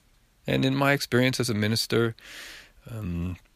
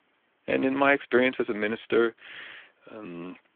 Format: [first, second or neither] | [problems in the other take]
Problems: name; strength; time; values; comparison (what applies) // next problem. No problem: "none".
first | phone-call audio; nothing above 3.5 kHz